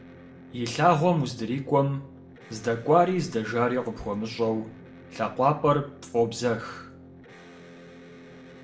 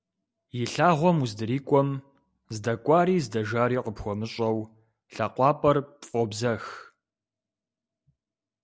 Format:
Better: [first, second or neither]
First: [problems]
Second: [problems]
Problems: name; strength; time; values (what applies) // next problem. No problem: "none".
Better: second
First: background sound (Electric guitar); 20 dB below the speech // room echo; dies away in 0.4 s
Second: none